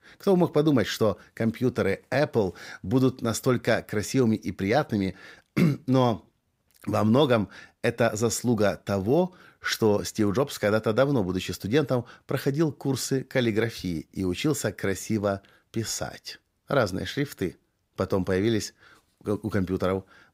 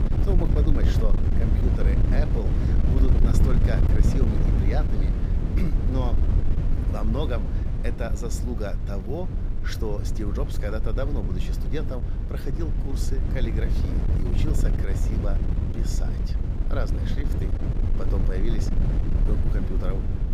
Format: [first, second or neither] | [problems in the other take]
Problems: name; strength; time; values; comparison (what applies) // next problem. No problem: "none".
first | wind noise on the microphone; heavy; 1 dB below the speech